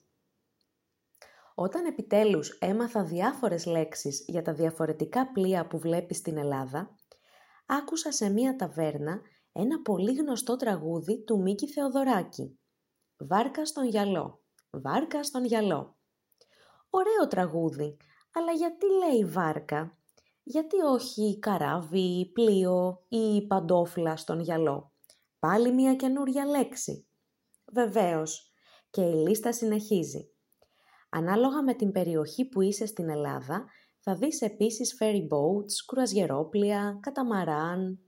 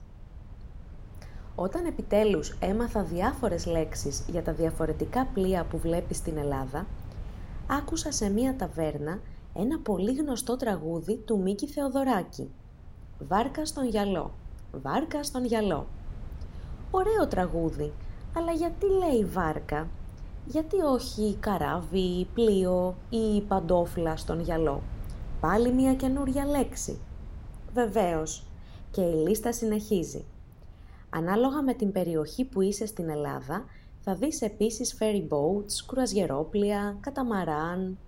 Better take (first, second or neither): first